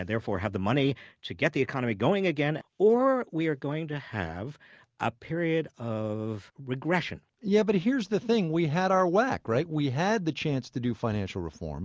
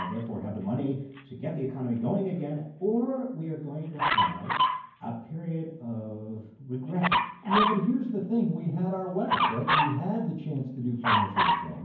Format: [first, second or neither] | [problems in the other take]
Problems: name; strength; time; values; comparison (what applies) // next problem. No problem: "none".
first | background sound (Dog); 1 dB below the speech // room echo; dies away in 0.9 s